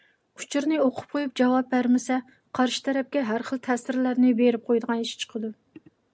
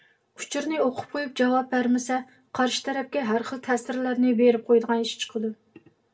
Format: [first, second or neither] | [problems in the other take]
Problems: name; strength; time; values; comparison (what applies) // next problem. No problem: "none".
first | room echo; dies away in 0.2 s